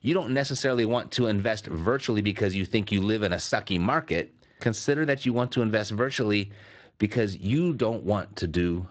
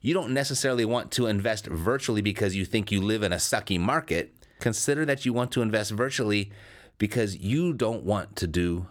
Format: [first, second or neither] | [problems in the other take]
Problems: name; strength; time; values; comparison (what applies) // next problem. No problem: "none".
second | garbled, watery; slightly; nothing above 7.5 kHz